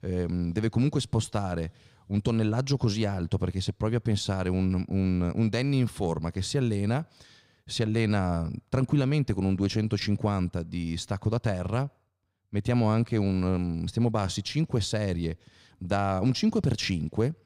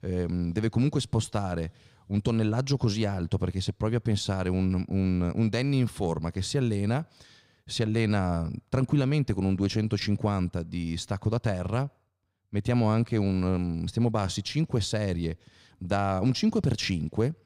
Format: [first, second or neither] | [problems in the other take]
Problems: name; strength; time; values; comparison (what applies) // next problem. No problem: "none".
neither | none